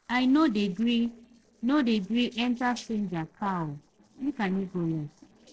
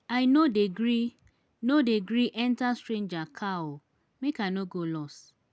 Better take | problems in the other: second | noise reduction (neural separator model SepFormer DNS4)

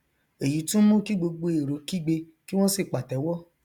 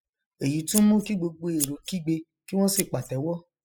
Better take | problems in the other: first | noise reduction (classical method spectral subtraction)

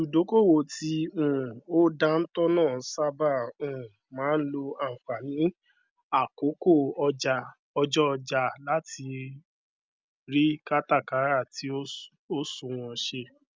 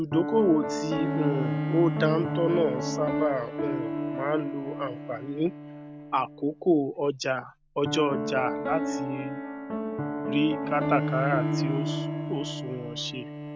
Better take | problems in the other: first | background sound (Bowed string instrument + Piano); 2 dB below the speech

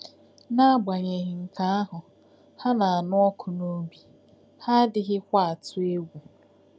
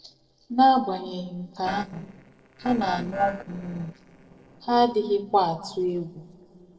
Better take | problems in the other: first | noise reduction (neural separator model SepFormer DNS4)

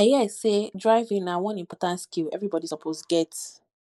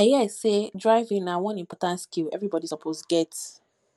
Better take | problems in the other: second | noise reduction (neural mask model Resemble Enhance denoiser)

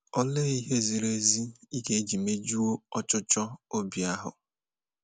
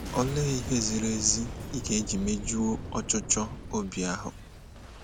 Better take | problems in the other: first | background sound (Boom); 8 dB below the speech

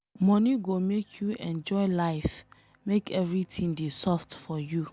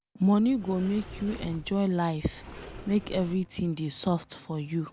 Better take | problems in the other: first | background sound (Sliding door); 15 dB below the speech

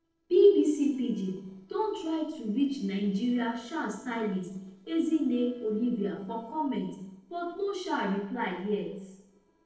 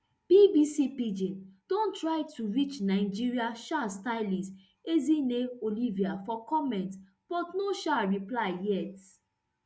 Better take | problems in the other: second | noise reduction (neural separator model SepFormer DNS4)

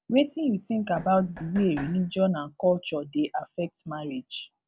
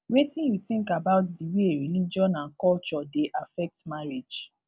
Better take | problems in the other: second | background sound (Knock); 17 dB below the speech

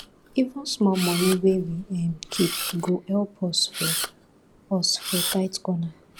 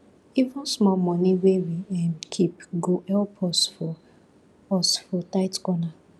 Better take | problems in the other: second | background sound (Camera); 8 dB below the speech

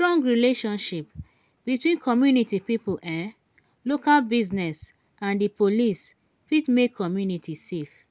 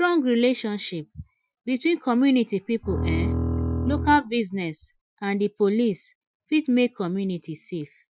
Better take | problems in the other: first | noise reduction (classical method Wiener filter)

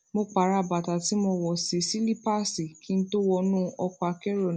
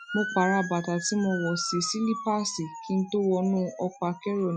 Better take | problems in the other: first | noise reduction (classical method Wiener filter)

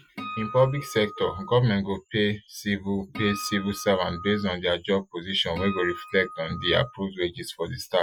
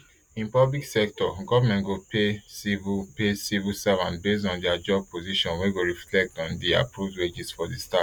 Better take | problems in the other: second | noise reduction (classical method Wiener filter)

